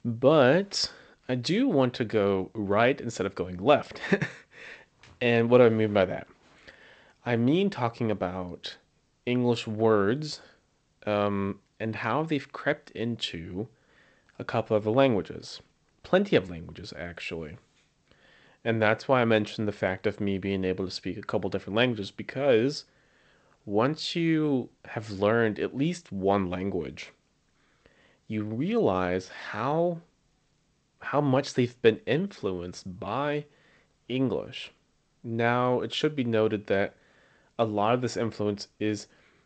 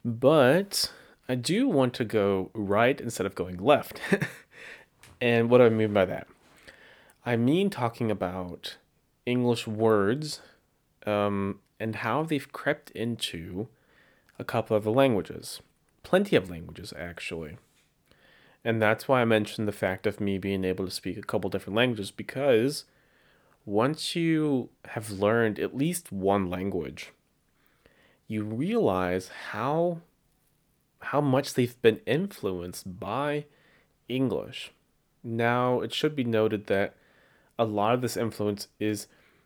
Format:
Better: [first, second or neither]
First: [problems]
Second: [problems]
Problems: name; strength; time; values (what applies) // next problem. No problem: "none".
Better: second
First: garbled, watery; slightly; nothing above 8 kHz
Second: none